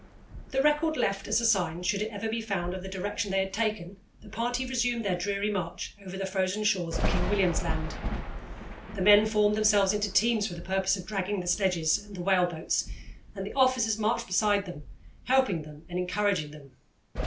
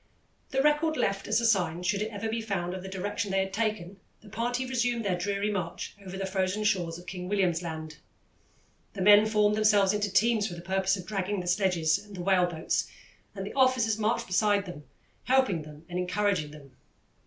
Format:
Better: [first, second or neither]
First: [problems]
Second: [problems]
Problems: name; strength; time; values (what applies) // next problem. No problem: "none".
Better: second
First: background sound (Thunder); 8 dB below the speech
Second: none